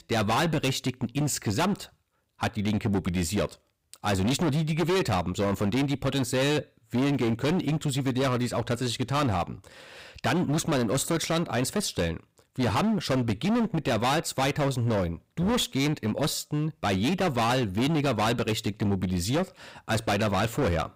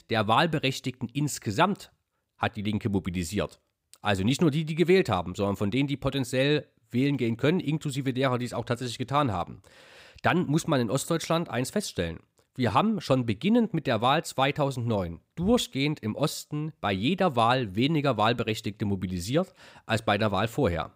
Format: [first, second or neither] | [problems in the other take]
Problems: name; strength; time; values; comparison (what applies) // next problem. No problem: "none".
second | distortion; heavy; 21% of the sound clipped